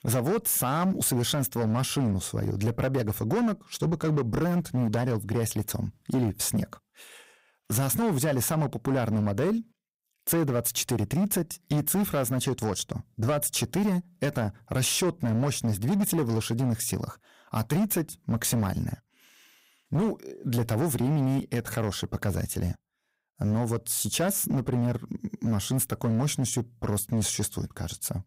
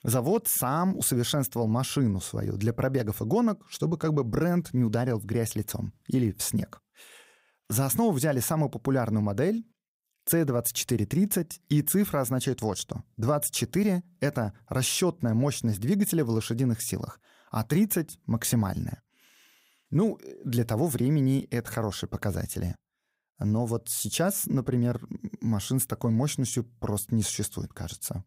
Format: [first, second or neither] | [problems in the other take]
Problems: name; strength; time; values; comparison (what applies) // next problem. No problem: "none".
second | distortion; slight; 12% of the sound clipped